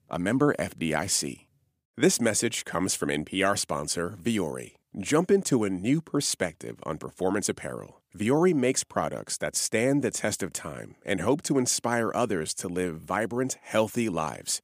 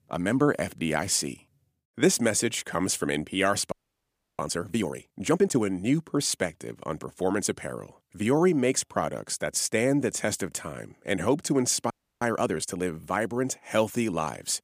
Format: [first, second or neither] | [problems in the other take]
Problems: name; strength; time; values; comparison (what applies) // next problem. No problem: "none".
first | audio freezing; at 3.5 s for 0.5 s and at 12 s